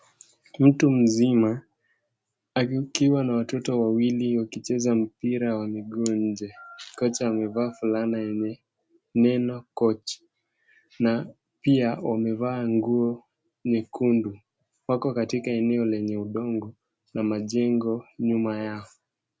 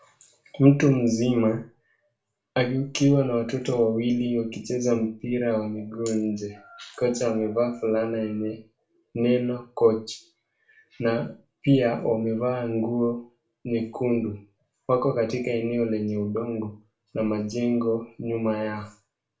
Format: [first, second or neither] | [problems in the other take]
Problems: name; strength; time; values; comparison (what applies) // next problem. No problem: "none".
first | room echo; dies away in 0.3 s